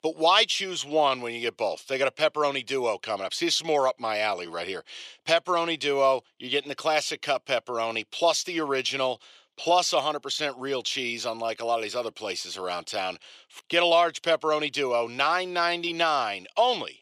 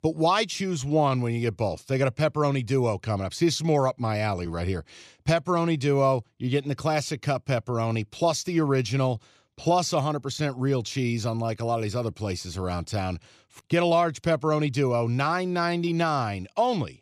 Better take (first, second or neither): second